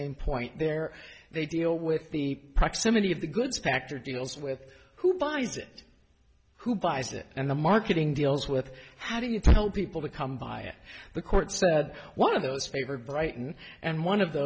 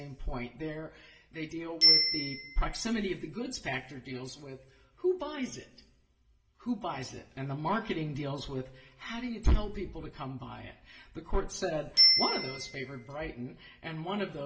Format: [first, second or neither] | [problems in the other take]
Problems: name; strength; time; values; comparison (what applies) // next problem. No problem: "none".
first | background sound (Bicycle bell); as loud as the speech // room echo; dies away in 0.5 s